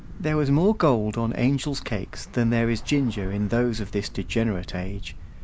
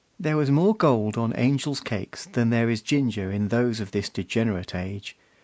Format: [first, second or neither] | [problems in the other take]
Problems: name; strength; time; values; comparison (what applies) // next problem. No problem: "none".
second | background sound (Traffic noise, roadway noise / Bus); 11 dB below the speech